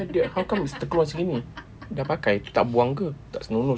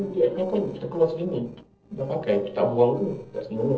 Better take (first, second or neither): first